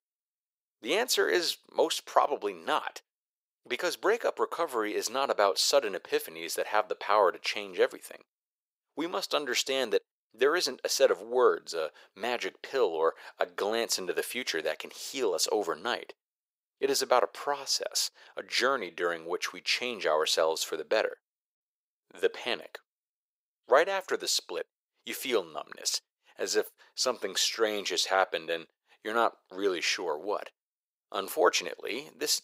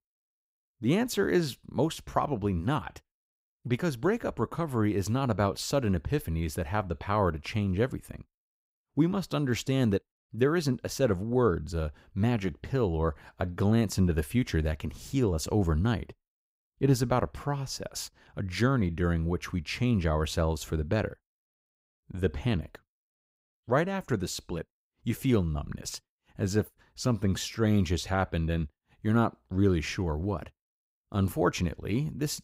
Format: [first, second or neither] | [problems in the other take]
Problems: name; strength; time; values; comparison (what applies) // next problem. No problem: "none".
second | thin; very; fading below 450 Hz